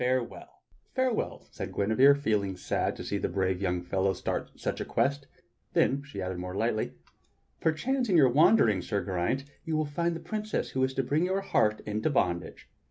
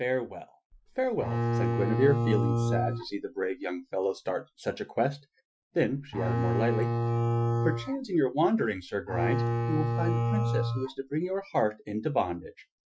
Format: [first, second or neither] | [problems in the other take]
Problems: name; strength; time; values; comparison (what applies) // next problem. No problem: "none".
first | noise reduction (classical method Wiener filter)